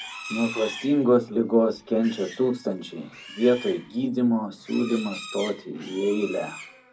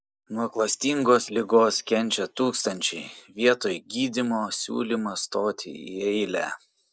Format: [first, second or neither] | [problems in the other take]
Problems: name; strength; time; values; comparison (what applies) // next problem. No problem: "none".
second | background sound (Livestock, farm animals, working animals); 15 dB below the speech // room echo; dies away in 0.4 s